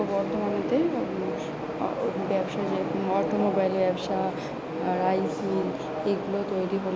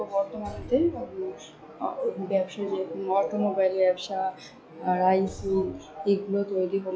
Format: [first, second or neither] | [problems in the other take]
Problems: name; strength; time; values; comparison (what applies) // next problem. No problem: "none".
first | noise reduction (classical method log-MMSE)